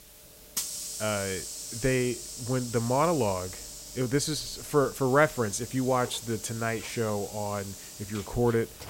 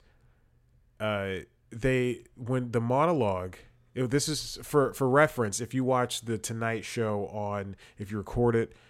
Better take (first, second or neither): second